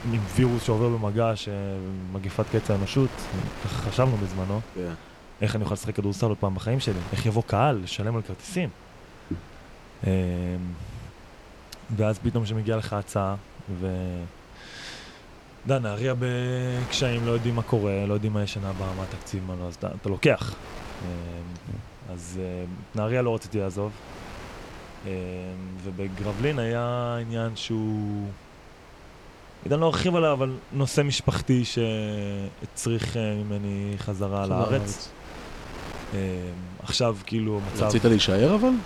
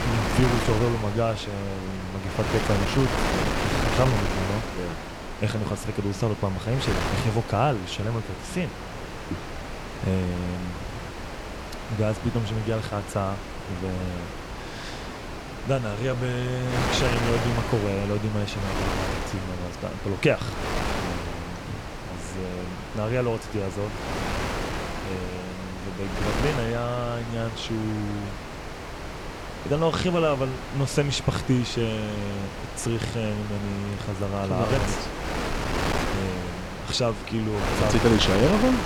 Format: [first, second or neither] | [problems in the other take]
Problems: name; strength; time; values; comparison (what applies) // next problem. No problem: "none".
first | wind noise on the microphone; heavy; 2 dB below the speech; occasional gusts in the first